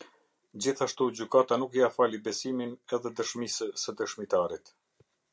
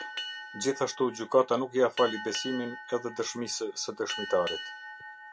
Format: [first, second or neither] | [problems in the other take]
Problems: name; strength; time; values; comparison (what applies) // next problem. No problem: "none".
first | background sound (Boat, Water vehicle); 11 dB below the speech